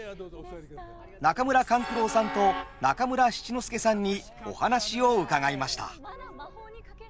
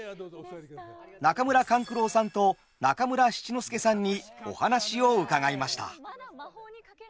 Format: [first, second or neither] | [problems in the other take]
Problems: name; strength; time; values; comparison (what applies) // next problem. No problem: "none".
second | background sound (Train); 14 dB below the speech